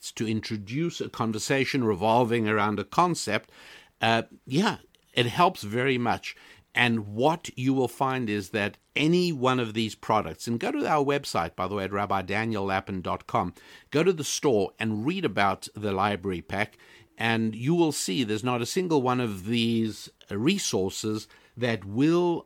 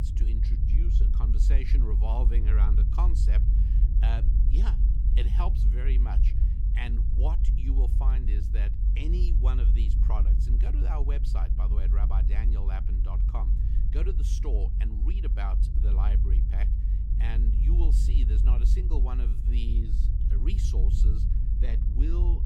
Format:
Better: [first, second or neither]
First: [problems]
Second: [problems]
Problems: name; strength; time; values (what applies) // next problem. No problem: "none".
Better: first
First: none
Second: low rumble; loud; throughout; 3 dB below the speech